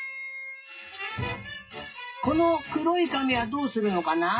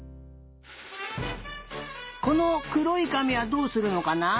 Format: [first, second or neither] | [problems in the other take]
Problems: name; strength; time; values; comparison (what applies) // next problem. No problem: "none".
second | noise reduction (classical method WPE with log-MMSE)